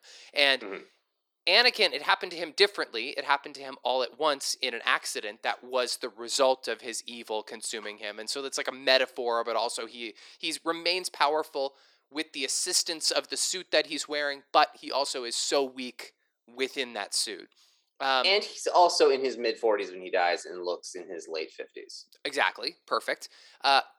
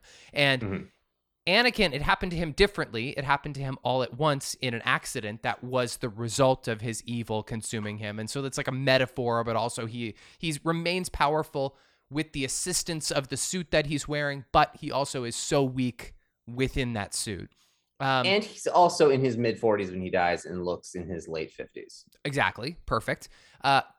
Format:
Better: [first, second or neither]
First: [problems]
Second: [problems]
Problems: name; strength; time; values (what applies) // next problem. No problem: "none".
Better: second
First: thin; somewhat; fading below 350 Hz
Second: none